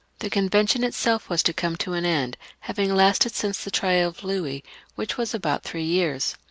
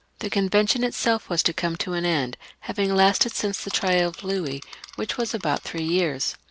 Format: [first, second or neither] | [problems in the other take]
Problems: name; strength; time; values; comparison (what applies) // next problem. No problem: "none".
first | background sound (Insect); 18 dB below the speech